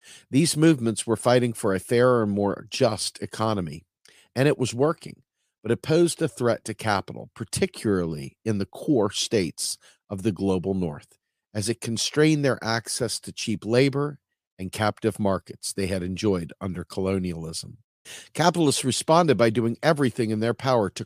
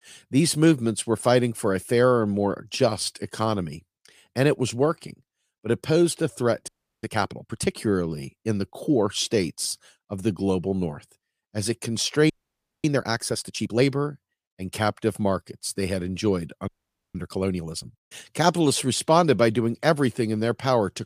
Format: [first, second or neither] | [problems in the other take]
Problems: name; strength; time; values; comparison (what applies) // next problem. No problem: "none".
first | audio freezing; at 6.5 s, at 12 s for 0.5 s and at 17 s